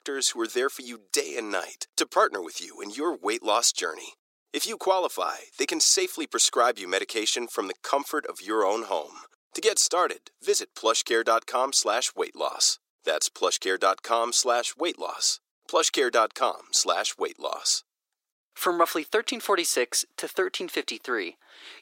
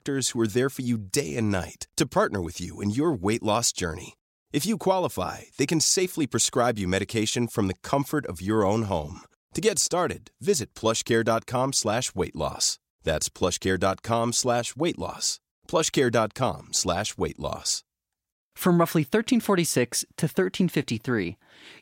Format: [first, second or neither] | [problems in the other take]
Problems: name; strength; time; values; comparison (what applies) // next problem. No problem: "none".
second | thin; very; fading below 350 Hz